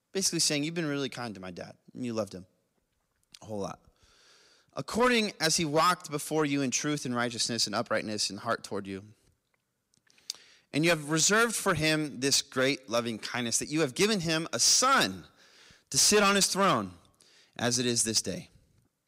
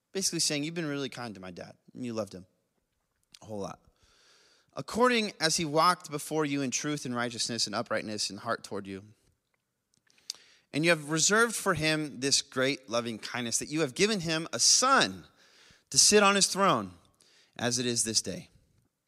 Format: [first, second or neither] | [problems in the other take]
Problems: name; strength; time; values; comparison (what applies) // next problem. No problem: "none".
second | distortion; slight; 3% of the sound clipped